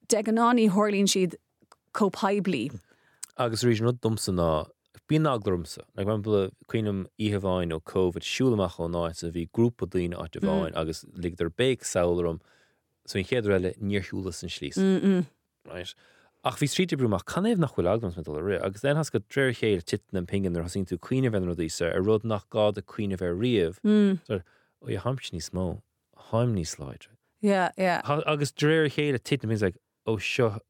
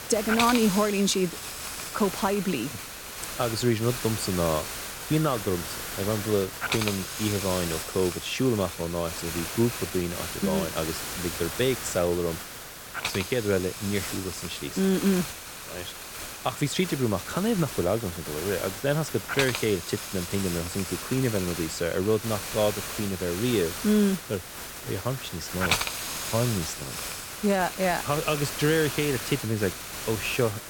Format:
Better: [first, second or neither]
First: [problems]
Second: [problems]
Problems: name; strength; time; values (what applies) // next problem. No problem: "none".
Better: first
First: none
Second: hiss; loud; throughout; 5 dB below the speech